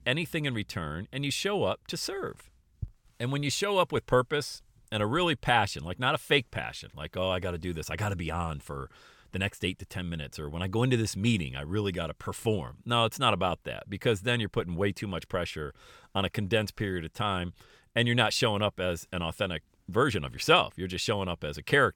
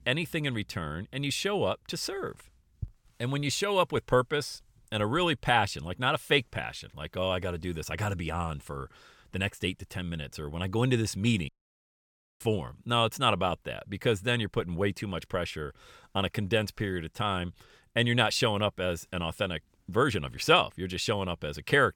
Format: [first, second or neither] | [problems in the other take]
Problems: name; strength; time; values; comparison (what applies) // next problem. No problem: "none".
first | audio cutting out; at 11 s for 1 s